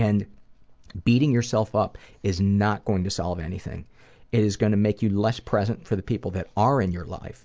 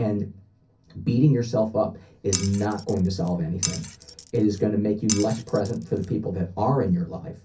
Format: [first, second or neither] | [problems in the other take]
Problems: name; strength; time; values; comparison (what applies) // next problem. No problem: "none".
first | background sound (Glass); 10 dB below the speech // room echo; dies away in 0.3 s